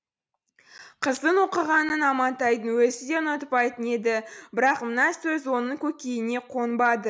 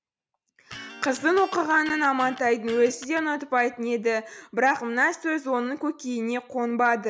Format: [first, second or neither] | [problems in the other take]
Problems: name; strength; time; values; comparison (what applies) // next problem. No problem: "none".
first | background sound (Electric guitar); 17 dB below the speech